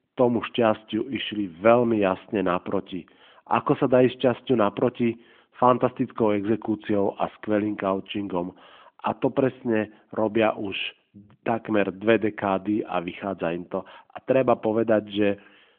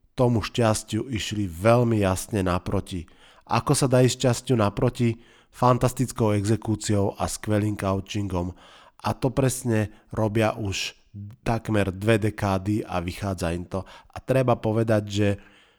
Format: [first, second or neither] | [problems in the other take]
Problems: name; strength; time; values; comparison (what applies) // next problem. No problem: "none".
second | phone-call audio; nothing above 3.5 kHz